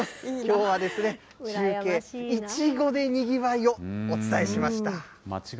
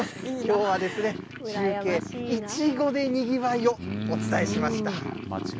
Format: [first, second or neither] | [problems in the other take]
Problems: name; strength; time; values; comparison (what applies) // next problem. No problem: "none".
first | background sound (Purr); 10 dB below the speech